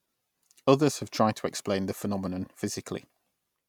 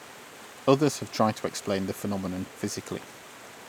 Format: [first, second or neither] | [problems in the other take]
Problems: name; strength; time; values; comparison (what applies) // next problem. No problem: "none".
first | background sound (Stream); 17 dB below the speech